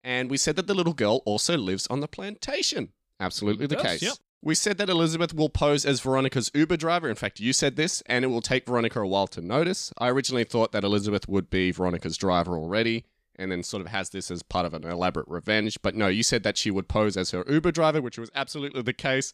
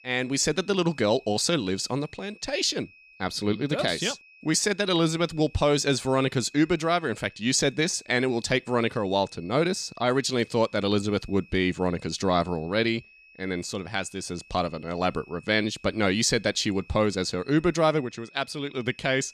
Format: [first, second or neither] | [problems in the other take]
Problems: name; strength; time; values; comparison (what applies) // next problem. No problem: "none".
first | high-pitched whine; faint; throughout; 2.5 kHz, 25 dB below the speech